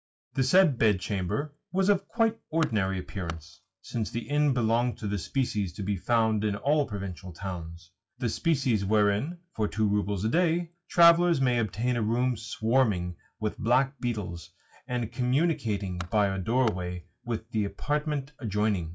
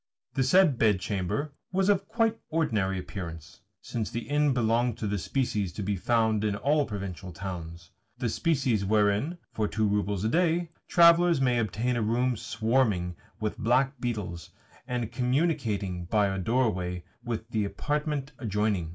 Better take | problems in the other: second | noise reduction (classical method log-MMSE)

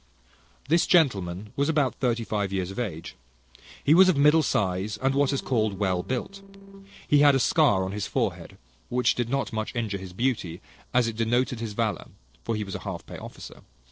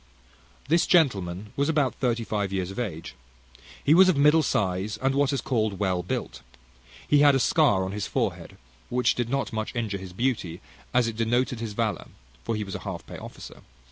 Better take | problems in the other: second | noise reduction (neural separator model SepFormer DNS4)

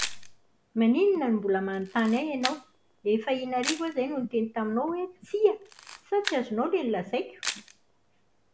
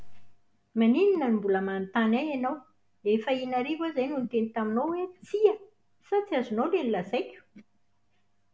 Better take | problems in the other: second | background sound (Camera); 13 dB below the speech

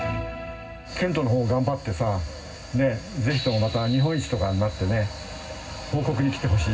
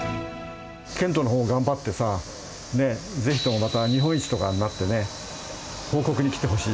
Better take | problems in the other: second | room echo; dies away in 0.4 s

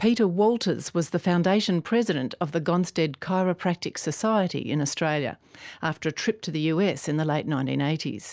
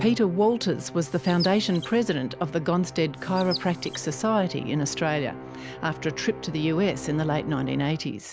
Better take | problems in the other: first | background sound (Chirp, tweet + Musical instrument); 13 dB below the speech

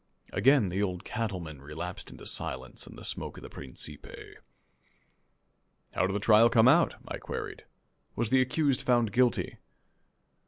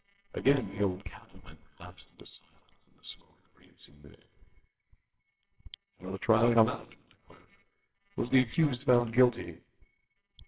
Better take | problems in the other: first | noise reduction (neural separator model SepFormer WHAMR!)

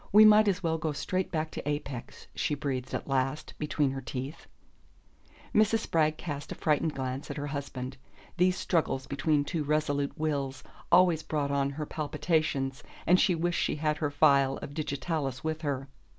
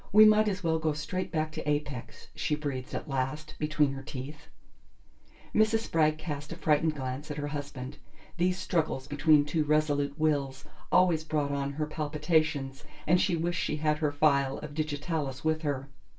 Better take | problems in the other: first | room echo; dies away in 0.2 s

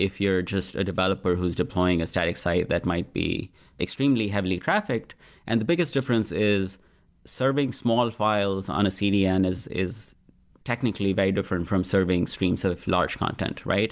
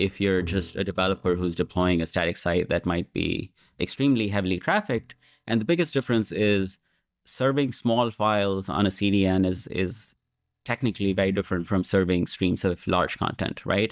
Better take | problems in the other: first | noise reduction (neural mask model DeepFilterNet 3)

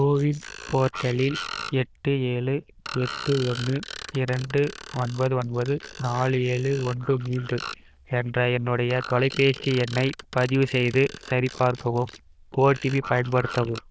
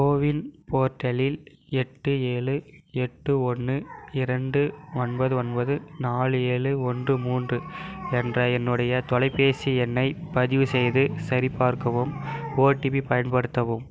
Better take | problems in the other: second | noise reduction (neural diffusion model UNIVERSE++)

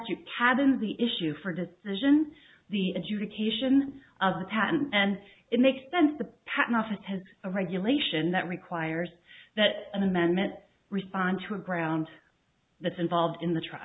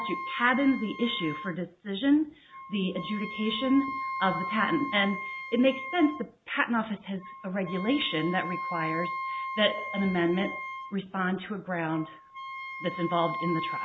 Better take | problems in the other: first | background sound (Wind instrument, woodwind instrument); 8 dB below the speech

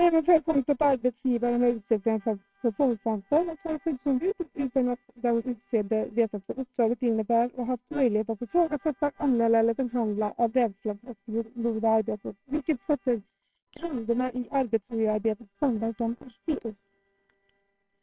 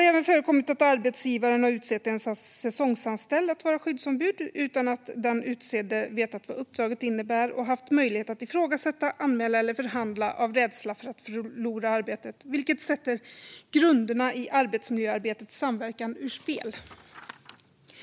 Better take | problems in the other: second | noise reduction (neural separator model SepFormer WHAMR!)

